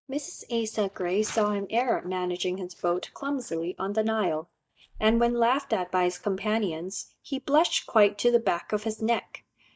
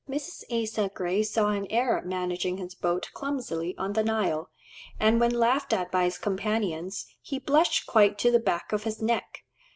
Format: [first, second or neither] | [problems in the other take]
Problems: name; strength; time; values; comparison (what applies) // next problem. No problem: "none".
second | noise reduction (neural mask model DeepFilterNet 3)